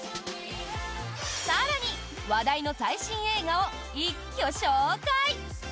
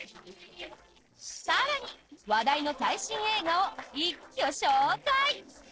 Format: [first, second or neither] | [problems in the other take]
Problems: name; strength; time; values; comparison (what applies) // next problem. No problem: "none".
first | noise reduction (neural separator model SepFormer DNS4)